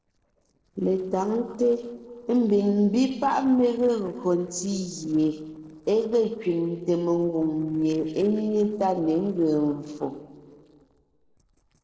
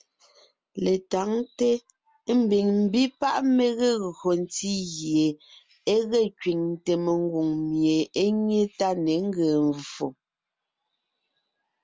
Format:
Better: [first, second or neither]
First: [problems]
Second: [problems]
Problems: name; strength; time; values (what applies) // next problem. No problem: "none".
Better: second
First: noise reduction (neural separator model SepFormer DNS4)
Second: none